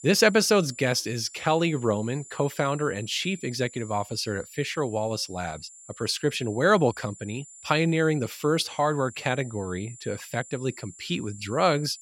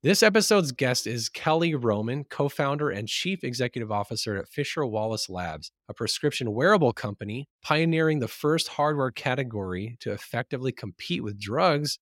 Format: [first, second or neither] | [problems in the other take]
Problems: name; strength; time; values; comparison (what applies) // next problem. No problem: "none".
second | high-pitched whine; noticeable; throughout; 7 kHz, 20 dB below the speech